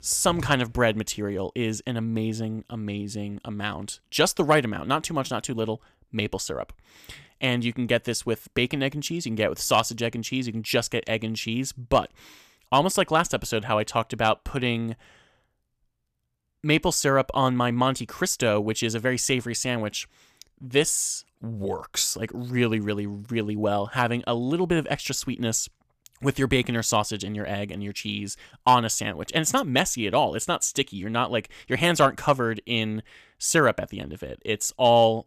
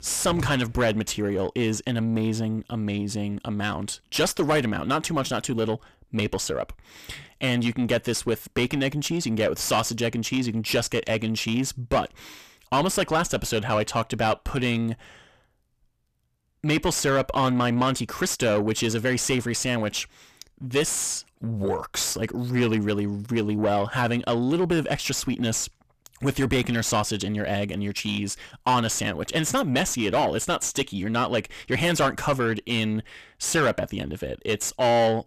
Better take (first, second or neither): first